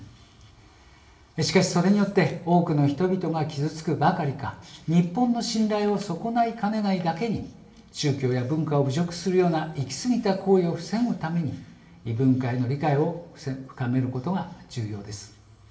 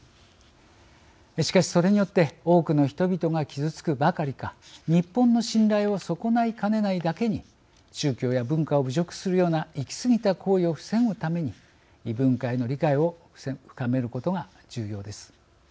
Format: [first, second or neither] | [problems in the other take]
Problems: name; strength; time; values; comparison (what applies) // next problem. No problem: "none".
second | room echo; dies away in 1.3 s